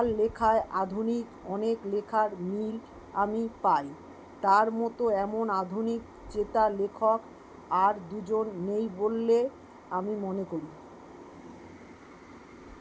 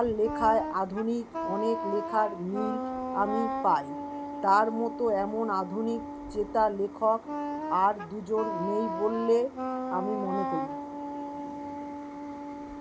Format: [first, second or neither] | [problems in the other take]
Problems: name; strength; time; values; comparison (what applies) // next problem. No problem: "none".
first | background sound (Wind instrument, woodwind instrument); 6 dB below the speech